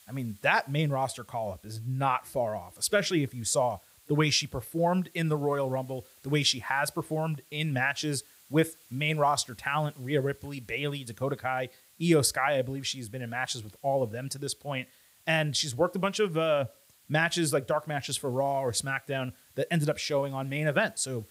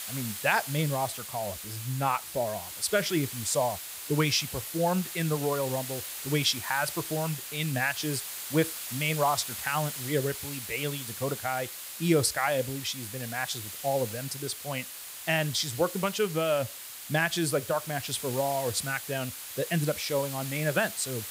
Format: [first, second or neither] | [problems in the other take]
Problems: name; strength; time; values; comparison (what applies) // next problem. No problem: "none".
first | hiss; loud; throughout; 7 dB below the speech; faint in the first